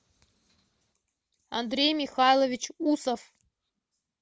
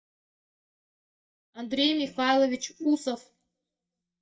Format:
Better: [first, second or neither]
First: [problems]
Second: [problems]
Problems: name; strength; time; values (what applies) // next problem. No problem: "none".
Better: first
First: none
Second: noise reduction (neural mask model DeepFilterNet 3)